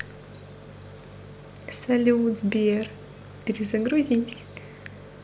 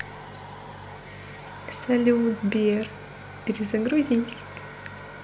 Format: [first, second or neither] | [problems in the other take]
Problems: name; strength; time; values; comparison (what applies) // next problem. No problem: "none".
first | background sound (Domestic sounds, home sounds); 17 dB below the speech